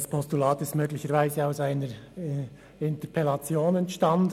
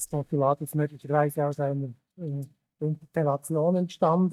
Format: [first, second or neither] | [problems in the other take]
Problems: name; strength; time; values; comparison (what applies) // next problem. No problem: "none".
first | noise reduction (neural mask model DeepFilterNet 3)